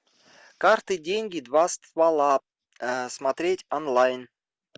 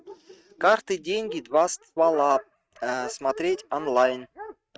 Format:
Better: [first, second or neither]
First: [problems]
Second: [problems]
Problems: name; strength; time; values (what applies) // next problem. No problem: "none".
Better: first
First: none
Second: noise reduction (neural mask model RNNoise)